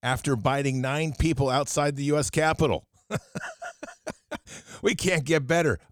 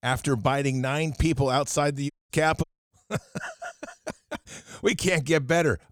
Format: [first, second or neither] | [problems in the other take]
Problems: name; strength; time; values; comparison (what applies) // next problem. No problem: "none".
first | audio cutting out; at 2 s and at 2.5 s